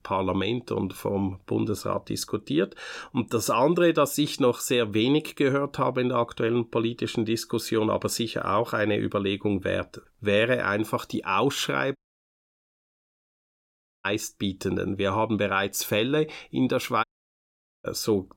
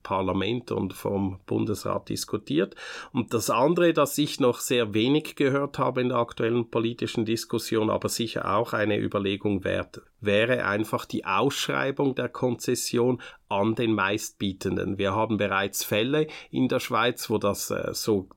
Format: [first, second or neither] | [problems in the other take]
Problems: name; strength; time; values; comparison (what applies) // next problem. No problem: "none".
second | audio cutting out; at 12 s for 2 s and at 17 s for 1 s